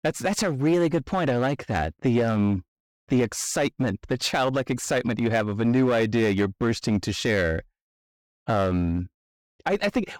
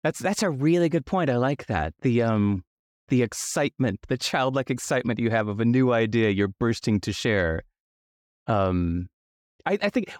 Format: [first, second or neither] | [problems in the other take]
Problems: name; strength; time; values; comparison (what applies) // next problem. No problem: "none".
second | distortion; slight; 7% of the sound clipped